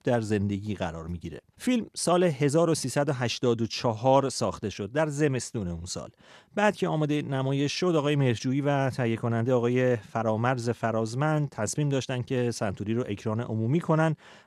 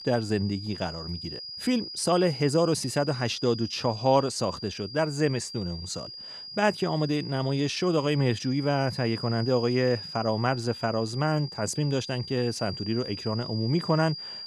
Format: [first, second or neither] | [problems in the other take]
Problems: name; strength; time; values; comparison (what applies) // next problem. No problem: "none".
first | high-pitched whine; noticeable; throughout; 5 kHz, 10 dB below the speech